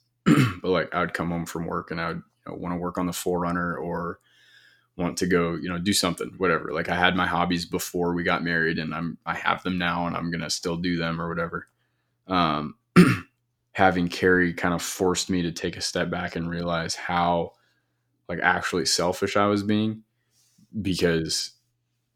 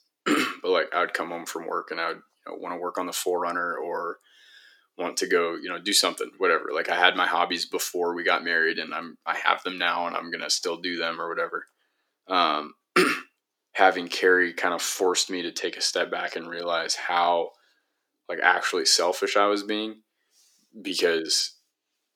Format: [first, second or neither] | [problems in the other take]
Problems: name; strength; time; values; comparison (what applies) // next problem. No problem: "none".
first | thin; somewhat; fading below 350 Hz